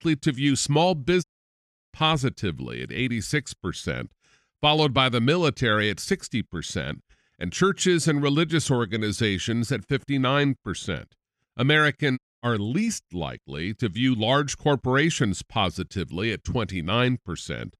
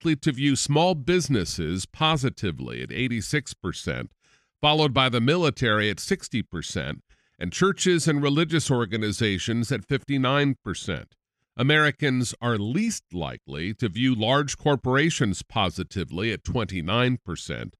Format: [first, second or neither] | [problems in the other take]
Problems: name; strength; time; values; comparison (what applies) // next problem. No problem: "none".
second | audio cutting out; at 1 s for 0.5 s and at 12 s